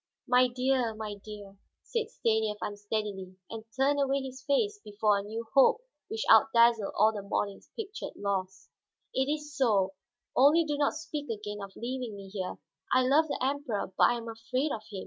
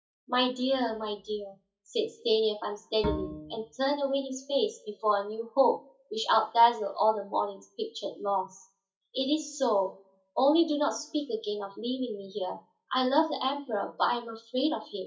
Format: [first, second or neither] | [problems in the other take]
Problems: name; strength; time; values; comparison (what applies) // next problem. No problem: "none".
first | noise reduction (classical method WPE with log-MMSE)